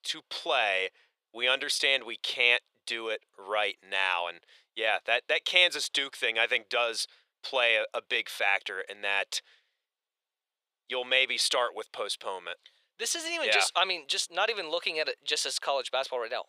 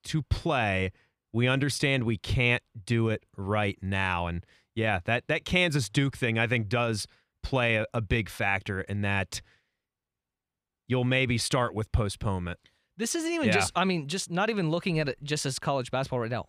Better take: second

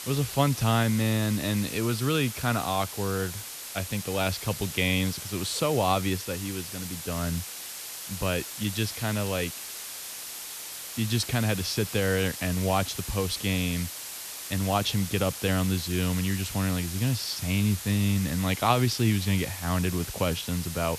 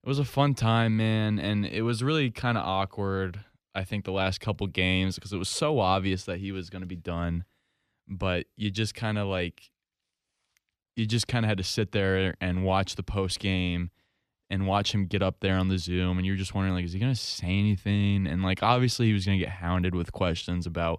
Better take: second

